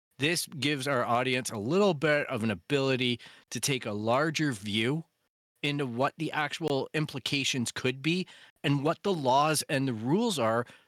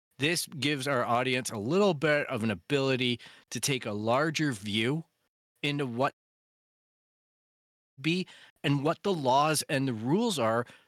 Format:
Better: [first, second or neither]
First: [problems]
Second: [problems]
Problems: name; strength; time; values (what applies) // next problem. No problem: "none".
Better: first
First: none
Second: audio cutting out; at 6 s for 2 s